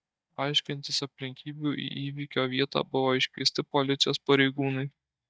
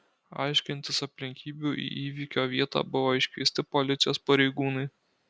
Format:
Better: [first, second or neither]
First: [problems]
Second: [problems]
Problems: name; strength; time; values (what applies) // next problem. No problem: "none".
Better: second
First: noise reduction (neural mask model DeepFilterNet 3)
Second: none